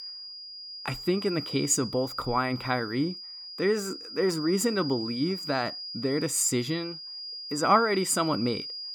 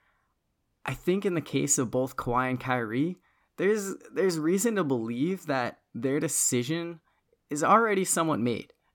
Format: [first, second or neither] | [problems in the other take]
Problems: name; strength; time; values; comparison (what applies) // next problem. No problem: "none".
second | high-pitched whine; loud; throughout; 5 kHz, 9 dB below the speech